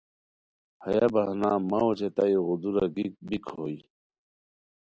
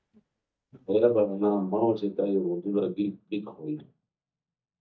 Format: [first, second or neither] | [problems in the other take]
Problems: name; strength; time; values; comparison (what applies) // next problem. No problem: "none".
first | noise reduction (neural mask model DeepFilterNet 3)